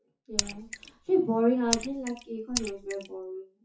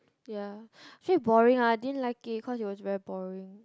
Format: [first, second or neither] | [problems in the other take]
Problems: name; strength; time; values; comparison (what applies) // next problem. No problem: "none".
second | noise reduction (classical method WPE with log-MMSE)